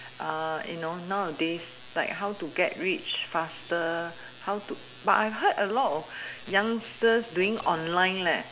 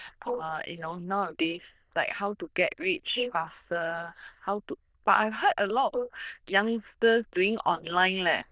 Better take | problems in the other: first | noise reduction (neural diffusion model UNIVERSE++)

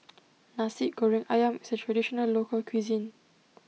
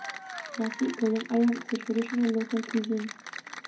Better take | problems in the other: first | background sound (Applause / Cheering); 12 dB below the speech // room echo; dies away in 0.3 s

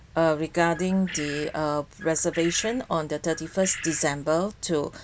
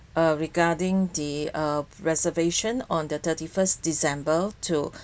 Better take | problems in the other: second | background sound (Bird); 14 dB below the speech

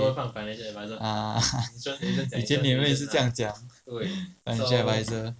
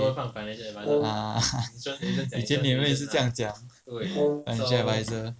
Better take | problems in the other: first | background sound (Brass instrument); 3 dB below the speech

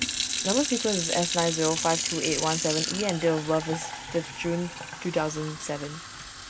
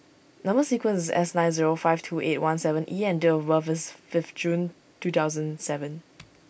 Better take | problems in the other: second | background sound (Fill (with liquid) / Sink (filling or washing)); 3 dB below the speech

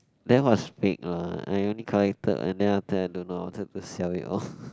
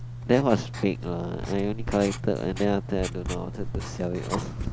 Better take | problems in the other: first | background sound (Writing); 6 dB below the speech

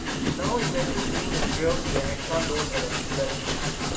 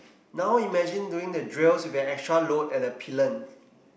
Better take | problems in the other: second | background sound (Train); 4 dB above the speech

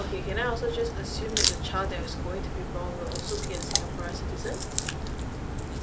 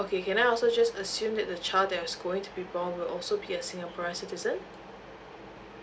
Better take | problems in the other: second | background sound (Crack); 4 dB above the speech

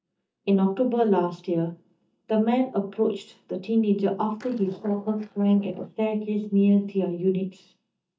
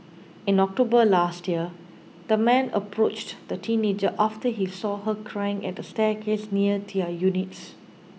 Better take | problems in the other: second | noise reduction (neural mask model DeepFilterNet 3)

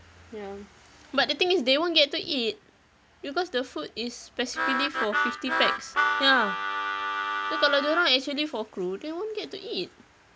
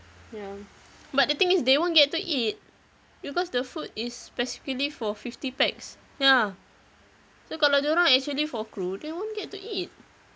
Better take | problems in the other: second | background sound (Harmonica); as loud as the speech

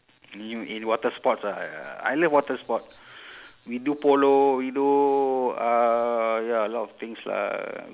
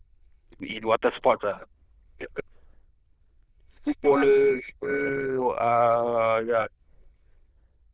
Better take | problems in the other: first | noise reduction (neural diffusion model UNIVERSE++)

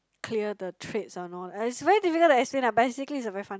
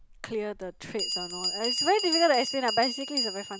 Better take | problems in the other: first | background sound (Bell); 4 dB below the speech

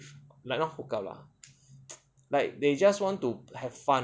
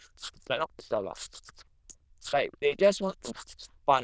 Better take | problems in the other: first | noise reduction (neural diffusion model UNIVERSE++)

